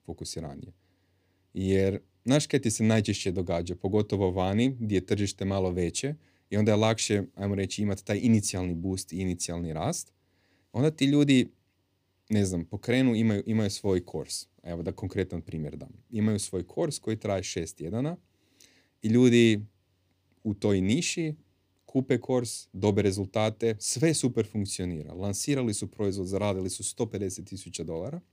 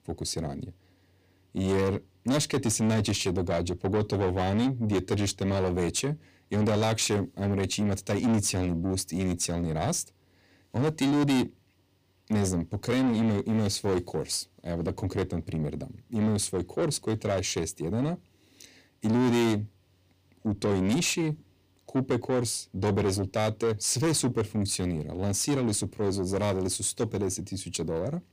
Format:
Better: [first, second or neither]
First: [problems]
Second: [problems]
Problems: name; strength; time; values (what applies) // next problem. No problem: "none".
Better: first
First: none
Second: distortion; heavy; 7 dB below the speech